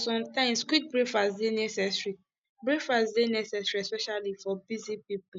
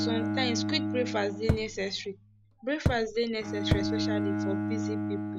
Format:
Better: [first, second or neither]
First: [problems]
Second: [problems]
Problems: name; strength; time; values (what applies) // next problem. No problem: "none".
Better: first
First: none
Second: background sound (Thump, thud + Bowed string instrument); 2 dB above the speech